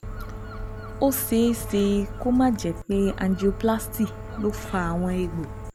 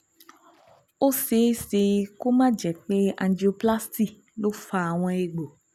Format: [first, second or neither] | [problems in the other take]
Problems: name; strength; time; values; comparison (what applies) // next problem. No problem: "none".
second | background sound (Gull, seagull); 9 dB below the speech